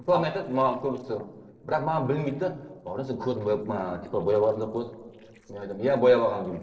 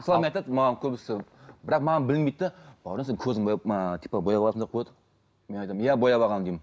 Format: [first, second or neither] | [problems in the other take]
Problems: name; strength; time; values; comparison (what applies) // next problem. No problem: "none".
second | noise reduction (neural separator model SepFormer DNS4)